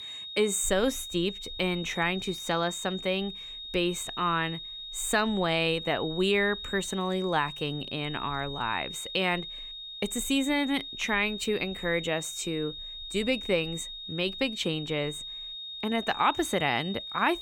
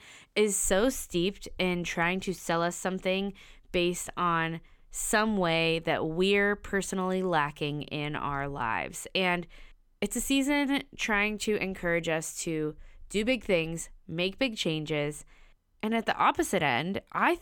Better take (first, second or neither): second